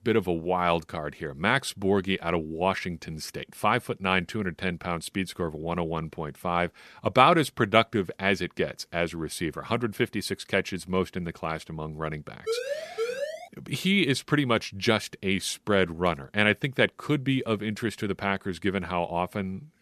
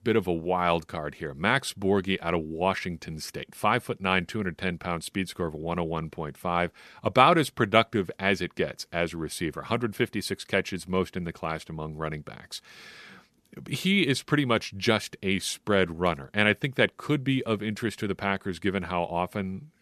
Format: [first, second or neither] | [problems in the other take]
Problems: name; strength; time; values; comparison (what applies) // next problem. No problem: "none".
second | siren; noticeable; at 12 s; peak 4 dB below the speech